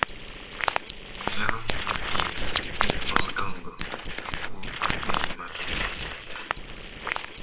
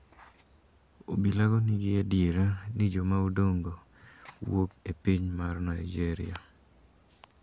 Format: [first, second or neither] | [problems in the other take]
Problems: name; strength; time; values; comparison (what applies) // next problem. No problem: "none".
second | noise reduction (neural separator model SepFormer WHAMR!)